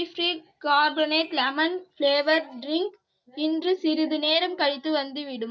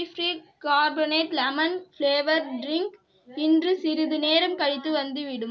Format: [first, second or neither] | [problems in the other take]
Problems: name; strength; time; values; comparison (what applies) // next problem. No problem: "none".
second | noise reduction (neural mask model DeepFilterNet 3)